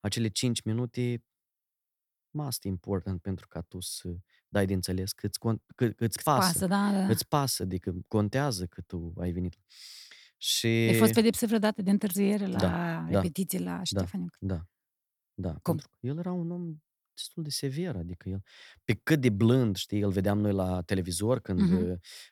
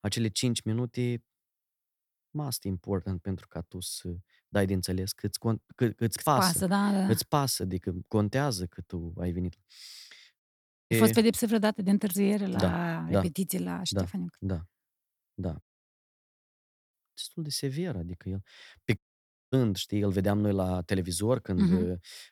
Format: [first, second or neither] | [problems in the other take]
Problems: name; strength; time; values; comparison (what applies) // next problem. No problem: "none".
first | audio cutting out; at 10 s for 0.5 s, at 16 s for 1.5 s and at 19 s for 0.5 s